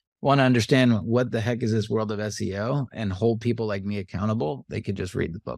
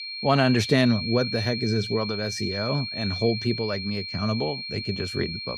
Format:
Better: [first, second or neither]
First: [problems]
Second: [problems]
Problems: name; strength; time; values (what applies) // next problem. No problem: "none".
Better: first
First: none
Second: high-pitched whine; loud; throughout; 4 kHz, 5 dB below the speech